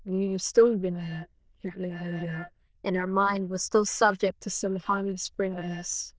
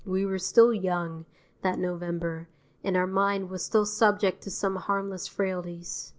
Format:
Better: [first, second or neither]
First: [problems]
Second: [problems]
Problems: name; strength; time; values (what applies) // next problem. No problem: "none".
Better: second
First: noise reduction (neural diffusion model UNIVERSE++)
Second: none